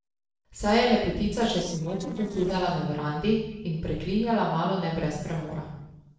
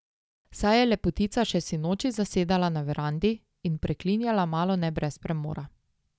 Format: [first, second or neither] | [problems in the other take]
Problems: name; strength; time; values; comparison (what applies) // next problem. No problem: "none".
second | noise reduction (neural separator model SepFormer DNS4)